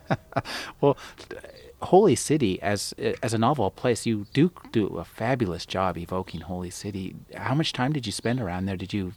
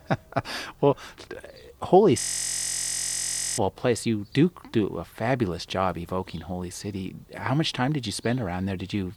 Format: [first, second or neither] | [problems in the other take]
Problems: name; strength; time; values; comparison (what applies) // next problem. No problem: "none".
first | audio freezing; at 2 s for 1.5 s